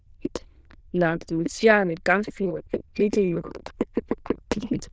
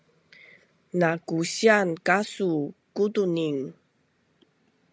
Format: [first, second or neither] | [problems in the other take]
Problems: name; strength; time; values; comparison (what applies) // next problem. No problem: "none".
second | noise reduction (neural diffusion model UNIVERSE++)